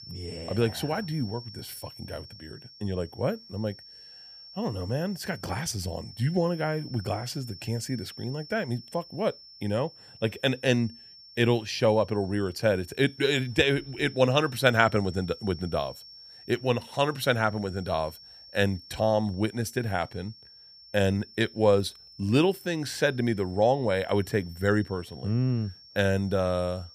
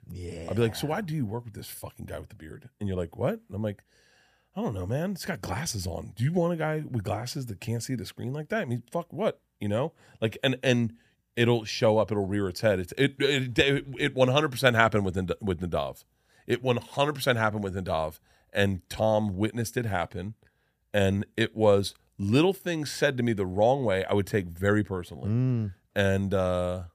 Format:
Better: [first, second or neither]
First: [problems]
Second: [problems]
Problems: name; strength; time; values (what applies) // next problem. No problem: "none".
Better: second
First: high-pitched whine; noticeable; throughout; 5.5 kHz, 20 dB below the speech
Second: none